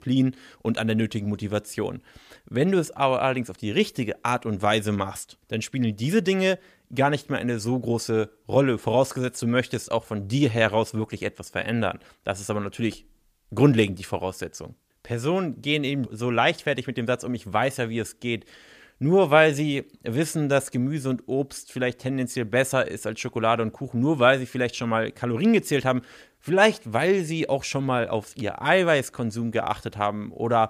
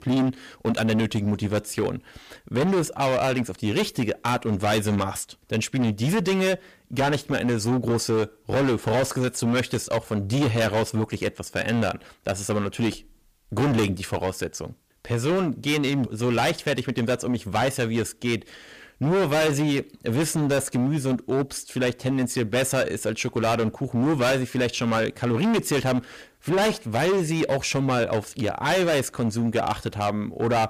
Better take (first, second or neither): first